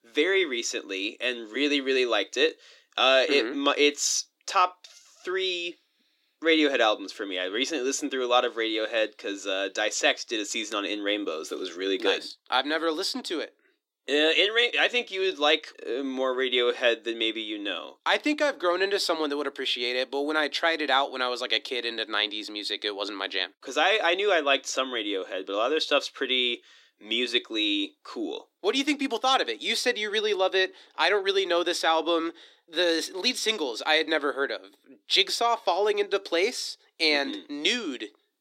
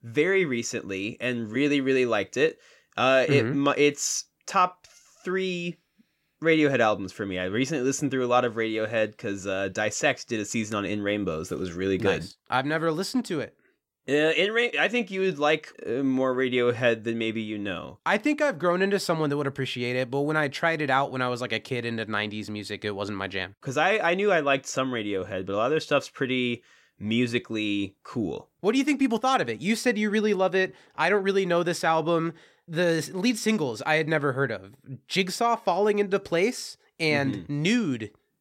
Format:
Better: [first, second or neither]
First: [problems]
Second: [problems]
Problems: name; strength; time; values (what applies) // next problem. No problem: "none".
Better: second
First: thin; very slightly; fading below 300 Hz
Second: none